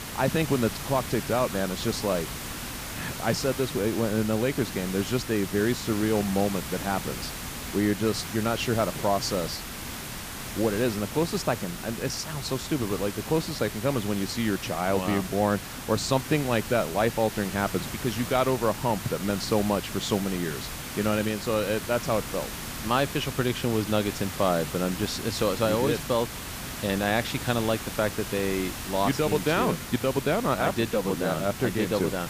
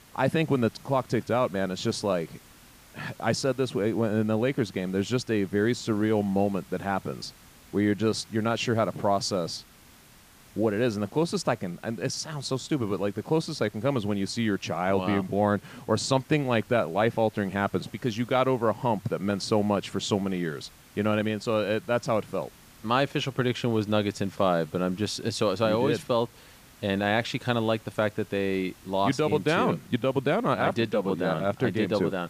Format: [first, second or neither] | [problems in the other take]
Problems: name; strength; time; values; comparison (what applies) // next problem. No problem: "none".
second | hiss; loud; throughout; 8 dB below the speech; faint in the second